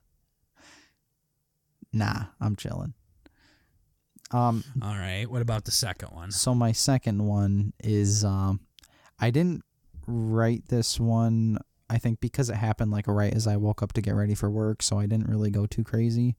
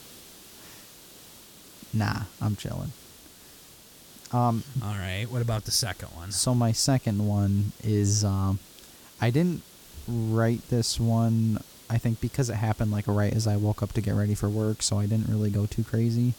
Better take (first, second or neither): first